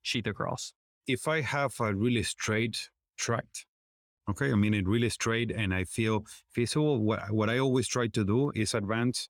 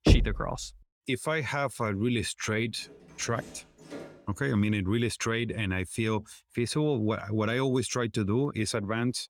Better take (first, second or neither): first